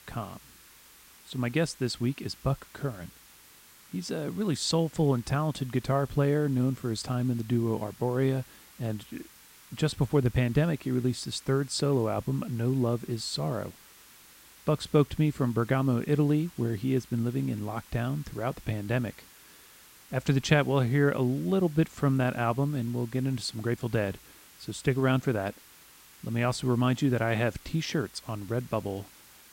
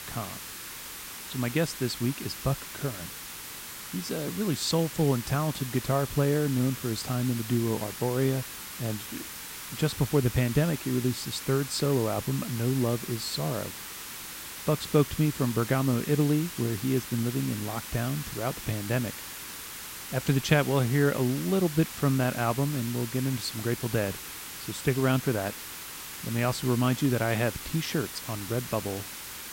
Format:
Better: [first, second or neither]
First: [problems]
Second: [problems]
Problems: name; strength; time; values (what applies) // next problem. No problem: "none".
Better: first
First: hiss; faint; throughout; 20 dB below the speech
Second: hiss; loud; throughout; 9 dB below the speech